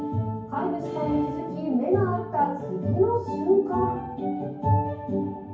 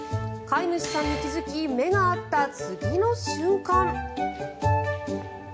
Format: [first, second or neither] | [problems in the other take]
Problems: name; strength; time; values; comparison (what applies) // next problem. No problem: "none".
second | room echo; dies away in 0.9 s